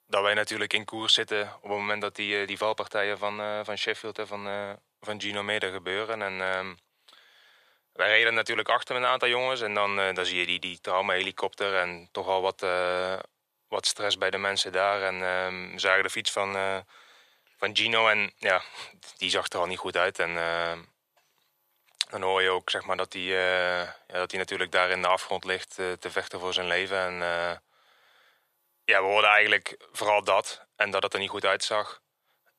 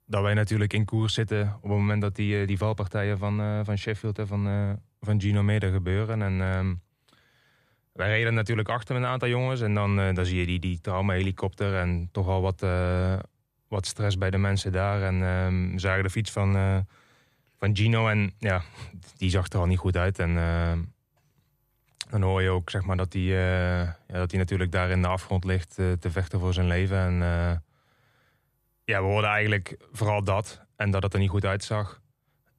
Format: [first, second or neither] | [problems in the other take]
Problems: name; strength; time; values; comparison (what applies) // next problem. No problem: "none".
second | thin; very; fading below 600 Hz